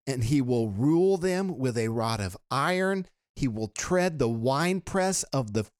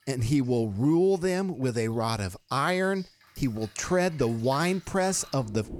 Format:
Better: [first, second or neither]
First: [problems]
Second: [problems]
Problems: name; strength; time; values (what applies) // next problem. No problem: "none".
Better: first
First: none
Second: rain or running water; faint; throughout; 25 dB below the speech